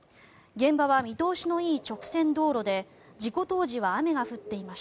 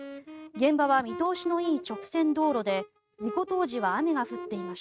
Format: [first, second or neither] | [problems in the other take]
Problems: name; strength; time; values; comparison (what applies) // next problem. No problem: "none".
first | noise reduction (neural mask model RNNoise)